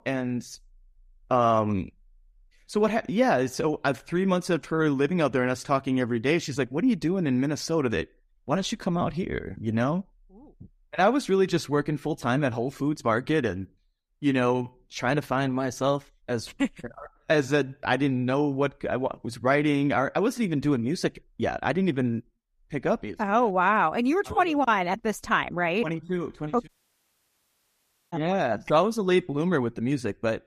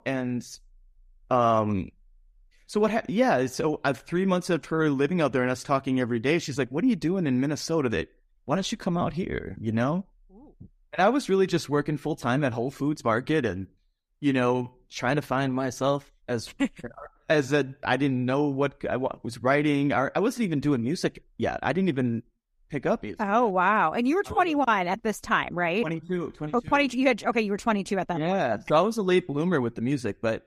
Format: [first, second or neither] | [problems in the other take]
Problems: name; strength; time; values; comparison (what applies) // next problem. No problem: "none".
second | audio cutting out; at 27 s for 1.5 s